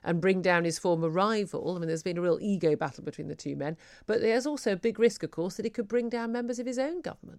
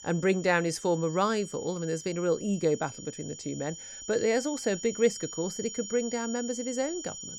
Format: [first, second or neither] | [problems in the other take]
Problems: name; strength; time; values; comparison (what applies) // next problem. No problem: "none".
first | high-pitched whine; noticeable; throughout; 7 kHz, 10 dB below the speech